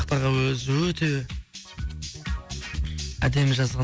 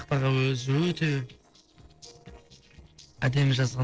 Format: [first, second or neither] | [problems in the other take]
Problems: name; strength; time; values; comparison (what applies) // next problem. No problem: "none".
first | noise reduction (neural separator model SepFormer DNS4)